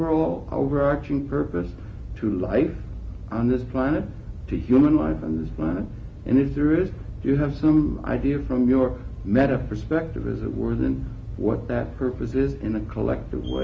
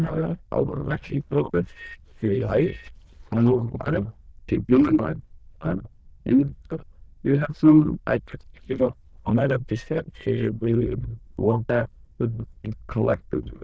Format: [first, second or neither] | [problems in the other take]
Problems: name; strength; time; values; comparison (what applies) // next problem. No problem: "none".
first | noise reduction (neural diffusion model UNIVERSE++)